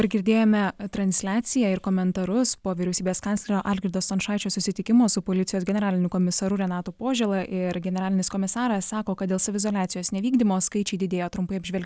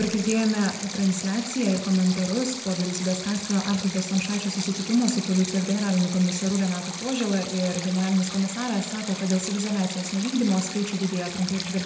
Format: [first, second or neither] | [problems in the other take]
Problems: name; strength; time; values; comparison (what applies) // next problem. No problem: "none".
first | background sound (Stream); 10 dB below the speech // room echo; dies away in 0.8 s